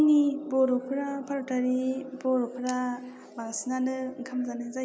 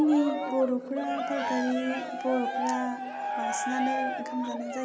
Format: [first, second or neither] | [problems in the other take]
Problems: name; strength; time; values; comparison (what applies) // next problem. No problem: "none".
first | background sound (Cheering); 3 dB below the speech